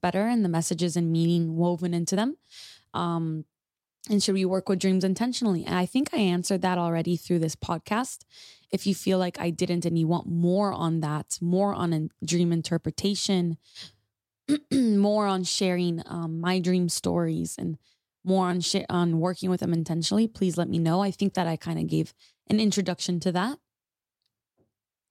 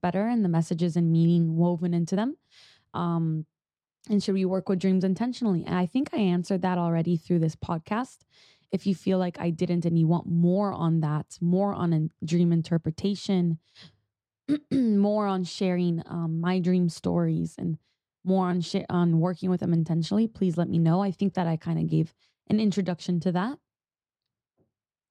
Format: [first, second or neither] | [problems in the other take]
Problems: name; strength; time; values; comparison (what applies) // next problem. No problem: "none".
first | muffled; slightly; fading above 2 kHz